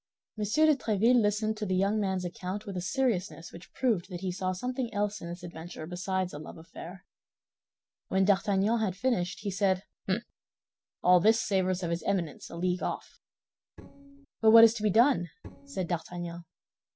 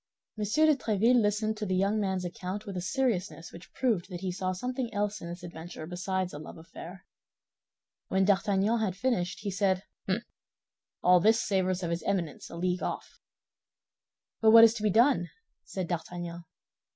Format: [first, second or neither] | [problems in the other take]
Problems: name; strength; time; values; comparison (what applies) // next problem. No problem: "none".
second | noise reduction (neural separator model SepFormer DNS4)